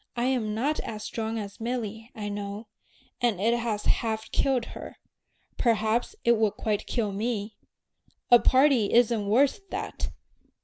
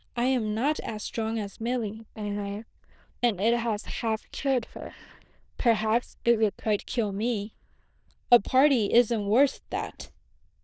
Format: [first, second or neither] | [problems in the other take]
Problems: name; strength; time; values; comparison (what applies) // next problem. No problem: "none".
first | noise reduction (neural diffusion model UNIVERSE++)